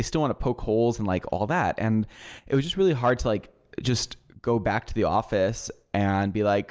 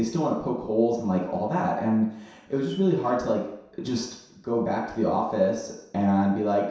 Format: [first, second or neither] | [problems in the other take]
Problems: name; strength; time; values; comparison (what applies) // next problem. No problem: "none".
first | room echo; dies away in 0.7 s